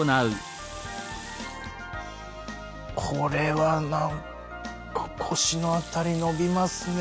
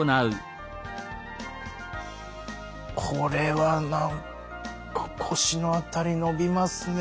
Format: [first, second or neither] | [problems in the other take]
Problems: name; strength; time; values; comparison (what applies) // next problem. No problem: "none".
second | background sound (Water tap, faucet); 20 dB below the speech